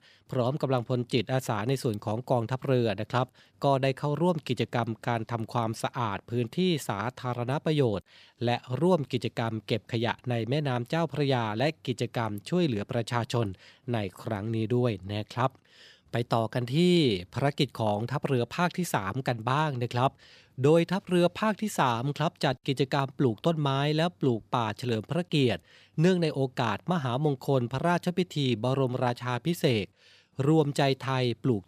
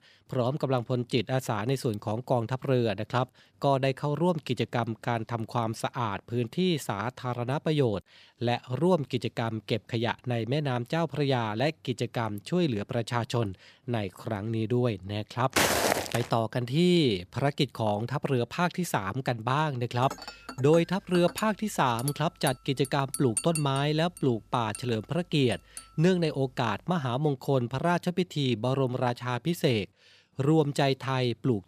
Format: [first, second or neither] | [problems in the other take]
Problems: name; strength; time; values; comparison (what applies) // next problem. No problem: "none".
first | footsteps; loud; at 16 s; peak 5 dB above the speech // clattering dishes; noticeable; from 20 to 26 s; peak 3 dB below the speech